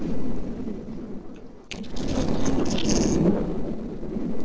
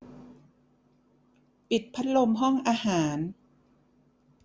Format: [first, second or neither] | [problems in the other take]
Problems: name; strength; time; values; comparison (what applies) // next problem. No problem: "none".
second | noise reduction (neural separator model SepFormer DNS4)